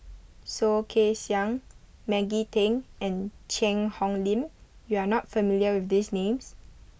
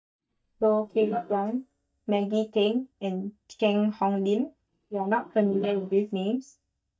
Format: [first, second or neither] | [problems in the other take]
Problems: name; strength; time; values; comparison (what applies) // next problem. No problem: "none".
first | noise reduction (neural mask model DeepFilterNet 3)